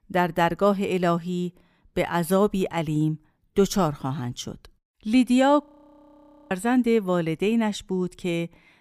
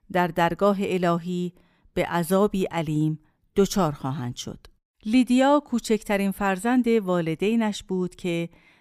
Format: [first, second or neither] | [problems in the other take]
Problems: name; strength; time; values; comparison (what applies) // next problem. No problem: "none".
second | audio freezing; at 5.5 s for 1 s